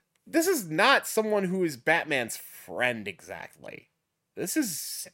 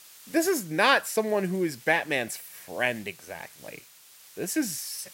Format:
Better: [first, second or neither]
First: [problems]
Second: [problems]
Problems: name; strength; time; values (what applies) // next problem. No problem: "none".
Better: first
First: none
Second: hiss; faint; throughout; 20 dB below the speech